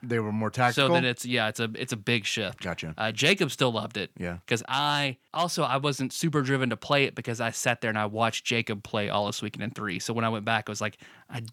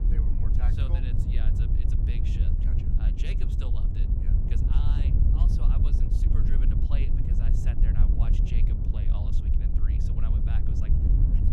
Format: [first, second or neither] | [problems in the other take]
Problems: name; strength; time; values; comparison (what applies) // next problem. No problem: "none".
first | wind noise on the microphone; heavy; 4 dB above the speech